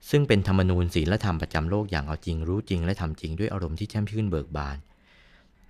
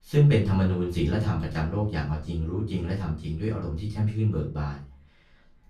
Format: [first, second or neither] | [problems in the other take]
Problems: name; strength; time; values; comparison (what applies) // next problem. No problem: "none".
first | off-mic speech; far // room echo; slight; dies away in 0.3 s